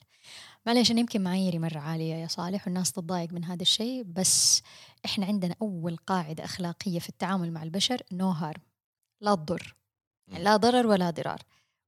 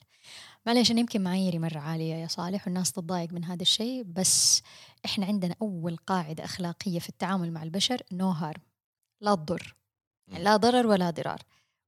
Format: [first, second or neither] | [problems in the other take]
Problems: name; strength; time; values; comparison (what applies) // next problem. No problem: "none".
neither | none